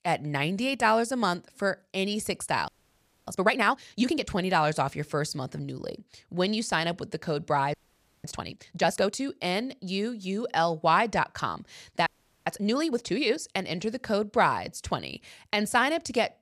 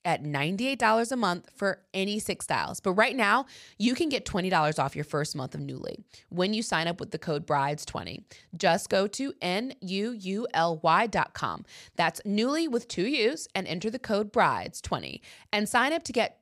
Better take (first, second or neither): second